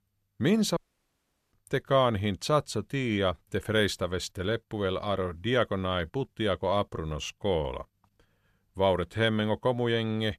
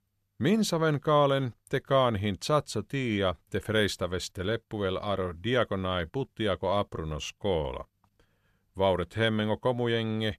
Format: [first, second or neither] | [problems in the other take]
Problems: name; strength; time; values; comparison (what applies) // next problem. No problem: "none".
second | audio cutting out; at 1 s for 1 s